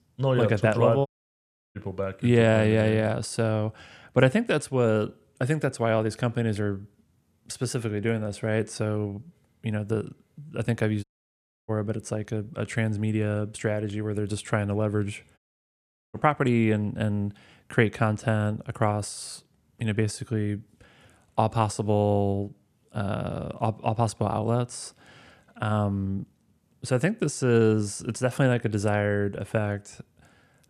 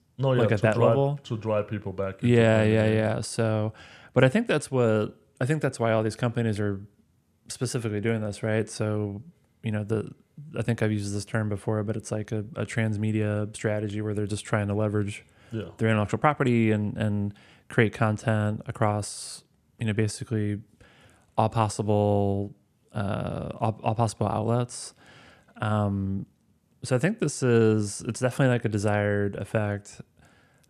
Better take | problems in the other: second | audio cutting out; at 1 s for 0.5 s, at 11 s for 0.5 s and at 15 s for 1 s

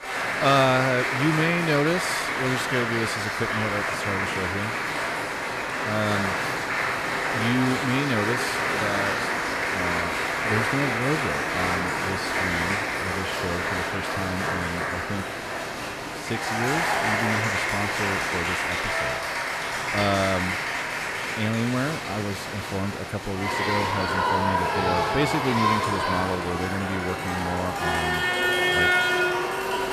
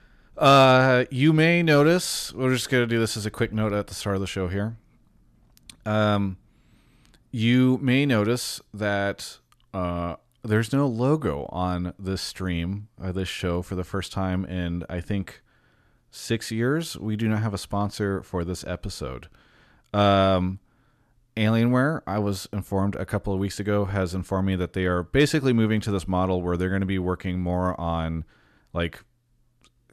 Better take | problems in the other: second | crowd noise; very loud; throughout; 3 dB above the speech

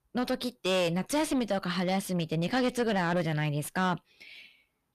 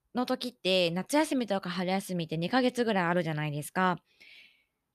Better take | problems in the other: second | distortion; heavy; 7 dB below the speech

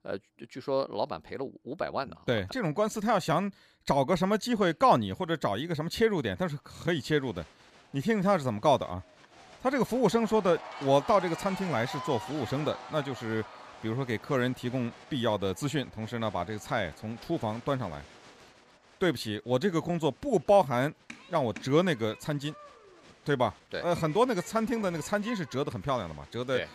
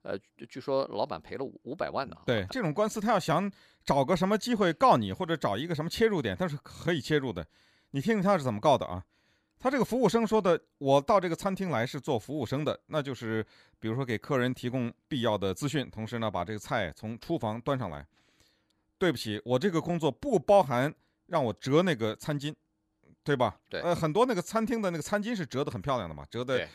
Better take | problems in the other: second | crowd noise; noticeable; from 7 s on; 15 dB below the speech

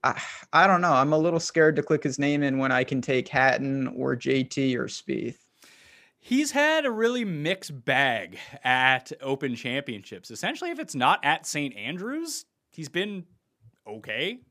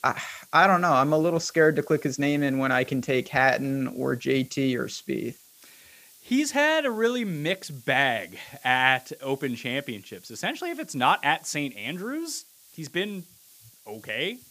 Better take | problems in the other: first | hiss; faint; throughout; 25 dB below the speech

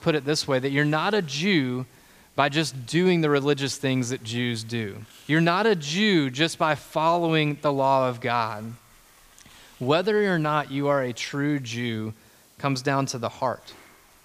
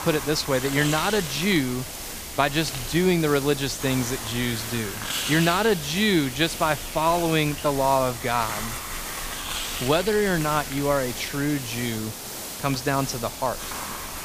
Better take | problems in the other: first | hiss; loud; throughout; 7 dB below the speech; faint in the first

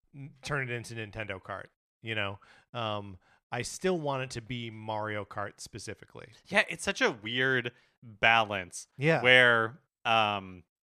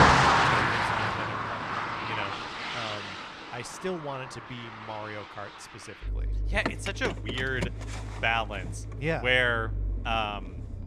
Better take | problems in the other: first | traffic noise; very loud; throughout; 2 dB above the speech

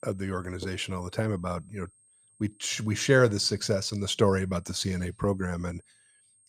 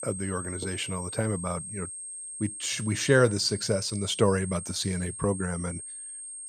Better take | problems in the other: first | high-pitched whine; loud; throughout; 8.5 kHz, 8 dB below the speech; faint in the first

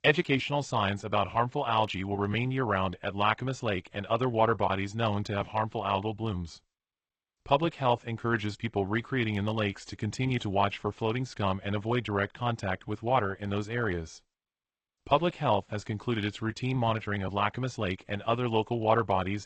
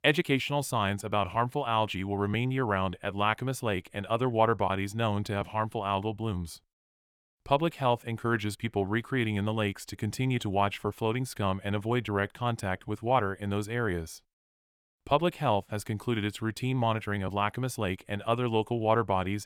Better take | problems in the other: second | garbled, watery; slightly

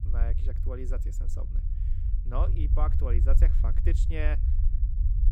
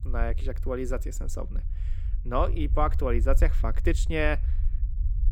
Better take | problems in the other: second | low rumble; loud; throughout; 8 dB below the speech; faint in the second

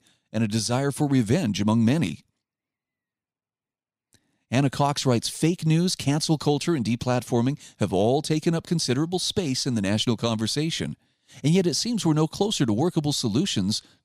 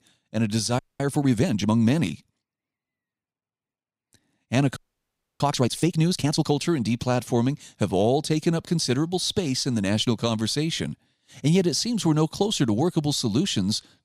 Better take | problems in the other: first | audio freezing; at 1 s and at 5 s for 0.5 s

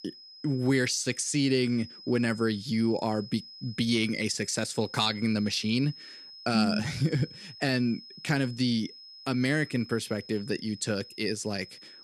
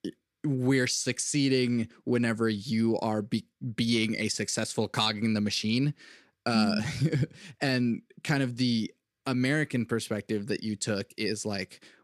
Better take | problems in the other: second | high-pitched whine; noticeable; throughout; 5 kHz, 15 dB below the speech

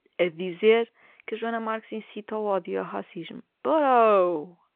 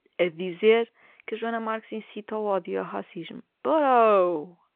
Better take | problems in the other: neither | phone-call audio; the same in both

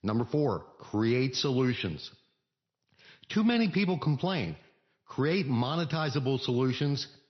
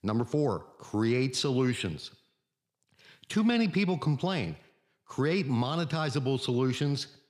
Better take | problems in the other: second | garbled, watery; slightly; nothing above 6 kHz

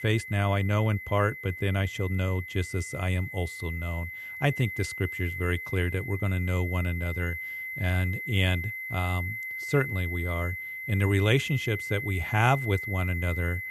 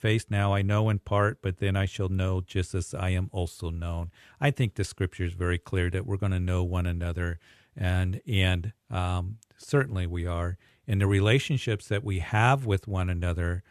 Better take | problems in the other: second | high-pitched whine; loud; throughout; 2 kHz, 6 dB below the speech

